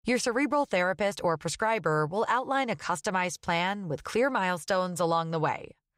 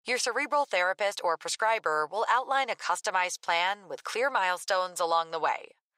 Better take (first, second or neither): first